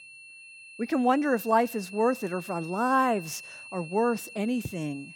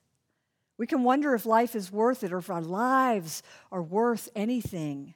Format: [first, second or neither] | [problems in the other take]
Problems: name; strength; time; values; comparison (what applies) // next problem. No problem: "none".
second | high-pitched whine; noticeable; throughout; 2.5 kHz, 15 dB below the speech